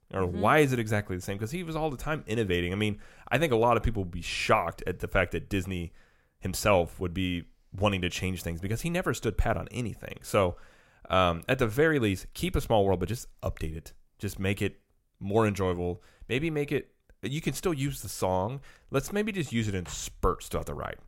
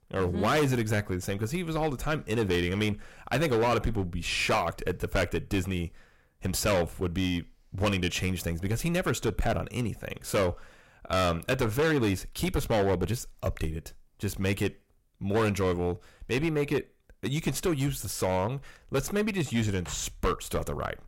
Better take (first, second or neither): first